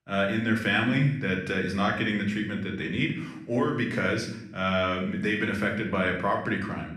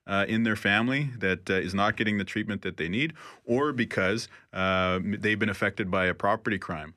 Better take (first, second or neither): second